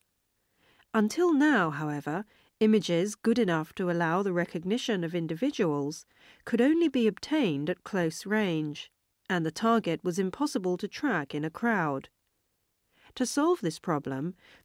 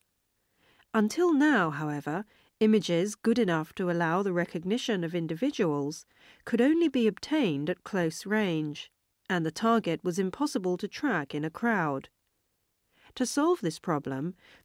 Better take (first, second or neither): neither